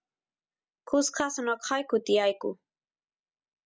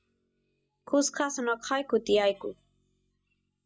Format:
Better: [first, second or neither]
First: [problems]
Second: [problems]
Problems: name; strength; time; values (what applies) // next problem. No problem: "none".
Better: first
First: none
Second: noise reduction (neural mask model DeepFilterNet 3)